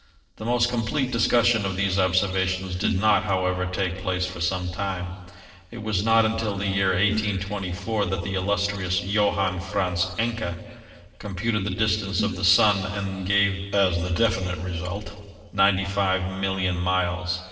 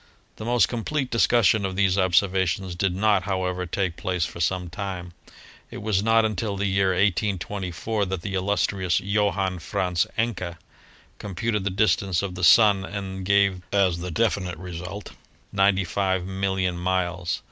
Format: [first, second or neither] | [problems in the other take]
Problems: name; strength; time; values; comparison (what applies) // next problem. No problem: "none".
second | noise reduction (neural separator model SepFormer DNS4)